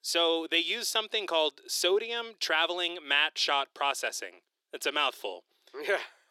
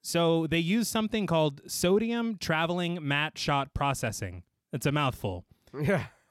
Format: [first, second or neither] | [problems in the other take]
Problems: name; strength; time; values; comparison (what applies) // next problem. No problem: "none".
second | thin; very; fading below 350 Hz